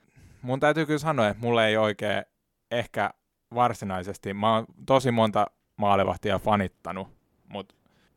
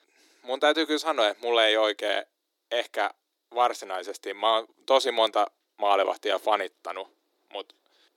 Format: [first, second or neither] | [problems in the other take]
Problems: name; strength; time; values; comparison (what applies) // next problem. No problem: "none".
first | thin; very; fading below 300 Hz